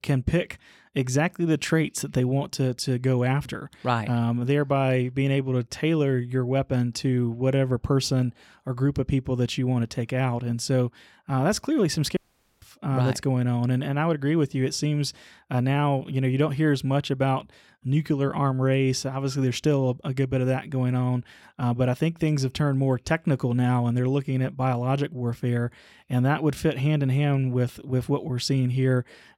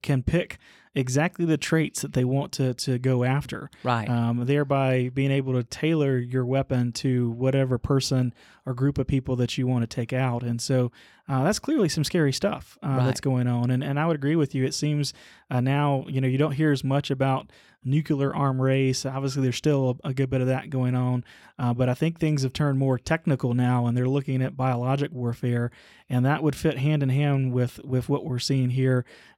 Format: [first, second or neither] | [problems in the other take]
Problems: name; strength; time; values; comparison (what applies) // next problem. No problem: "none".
second | audio cutting out; at 12 s